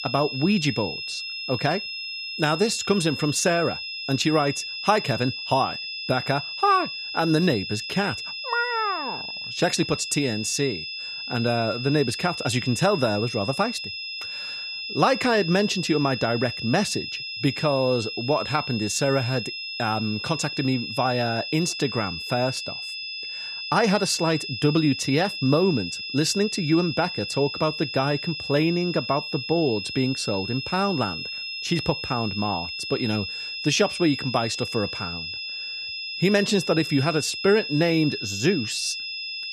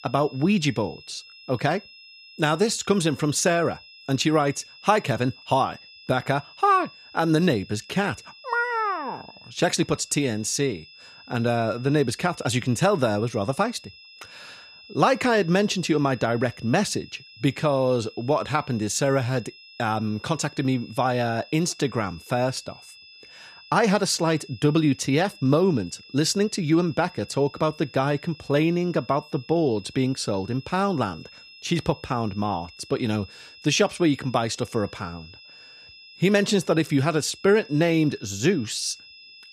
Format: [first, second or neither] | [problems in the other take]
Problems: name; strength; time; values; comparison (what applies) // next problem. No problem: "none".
second | high-pitched whine; loud; throughout; 5 kHz, 6 dB below the speech; faint in the second